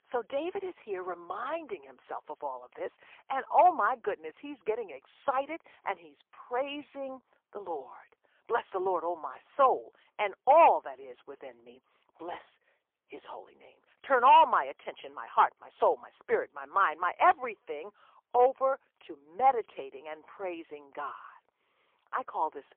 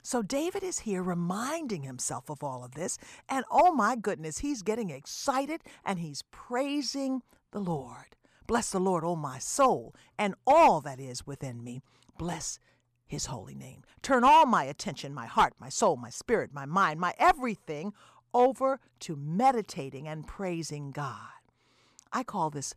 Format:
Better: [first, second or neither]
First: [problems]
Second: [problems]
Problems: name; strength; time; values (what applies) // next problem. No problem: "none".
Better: second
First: phone-call audio; poor line; nothing above 3 kHz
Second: none